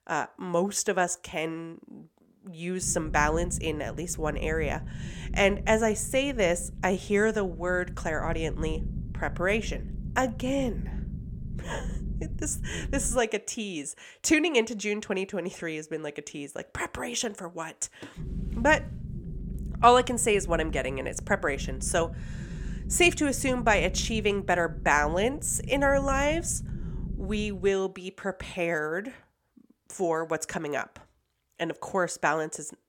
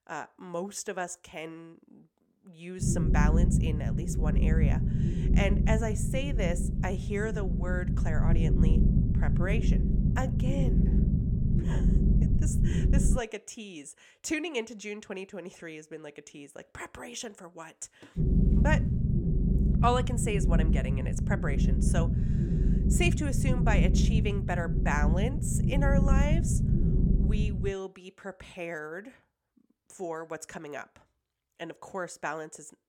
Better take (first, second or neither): first